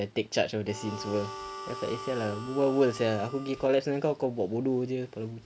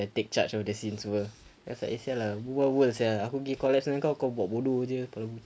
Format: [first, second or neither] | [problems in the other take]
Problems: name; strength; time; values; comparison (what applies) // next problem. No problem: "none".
second | background sound (Harmonica); 12 dB below the speech